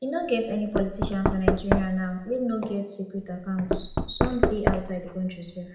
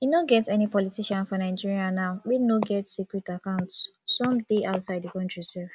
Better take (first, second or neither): second